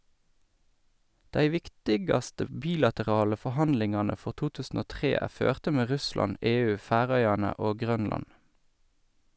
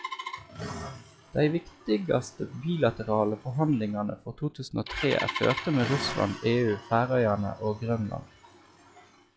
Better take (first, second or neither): first